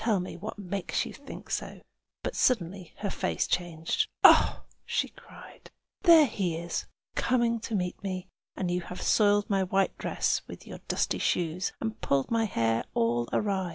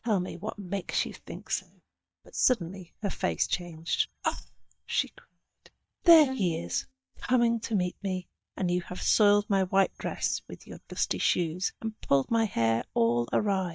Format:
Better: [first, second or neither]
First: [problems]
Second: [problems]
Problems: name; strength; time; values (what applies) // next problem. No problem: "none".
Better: first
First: none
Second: noise reduction (neural mask model DeepFilterNet 3)